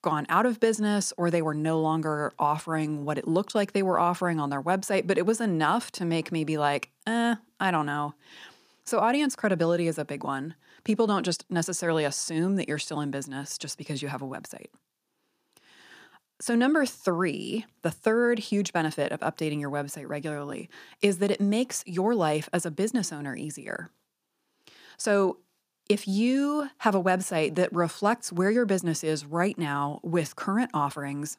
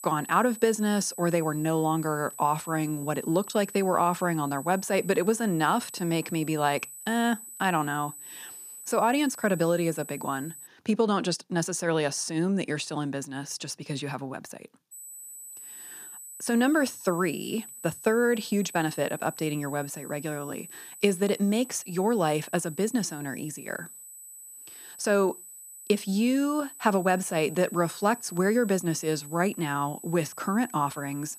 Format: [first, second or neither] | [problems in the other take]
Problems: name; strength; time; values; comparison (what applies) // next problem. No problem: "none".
first | high-pitched whine; noticeable; until 11 s and from 15 s on; 8 kHz, 15 dB below the speech